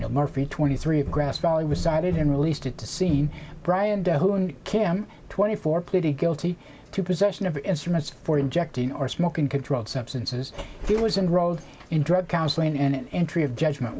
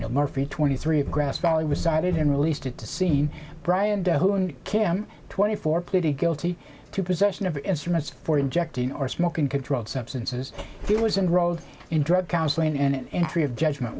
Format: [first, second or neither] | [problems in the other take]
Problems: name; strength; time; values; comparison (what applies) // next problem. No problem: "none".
first | background sound (Tap); 15 dB below the speech